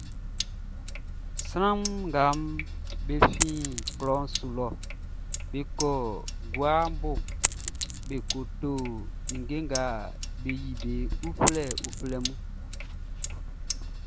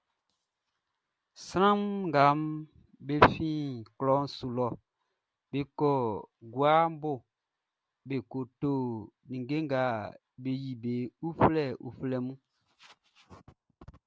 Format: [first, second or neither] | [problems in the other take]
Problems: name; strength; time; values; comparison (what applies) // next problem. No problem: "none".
second | background sound (Coin (dropping) + Sink (filling or washing)); 1 dB below the speech